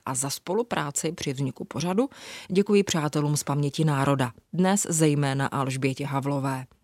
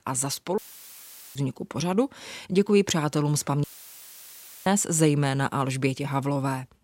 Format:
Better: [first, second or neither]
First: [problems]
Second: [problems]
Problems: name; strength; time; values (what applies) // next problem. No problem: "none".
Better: first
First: none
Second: audio cutting out; filled with static; at 0.5 s for 1 s and at 3.5 s for 1 s